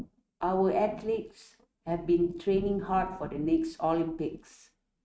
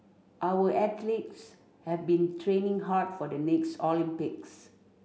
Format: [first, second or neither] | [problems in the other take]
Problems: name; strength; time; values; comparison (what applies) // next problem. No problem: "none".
second | noise reduction (neural mask model RNNoise)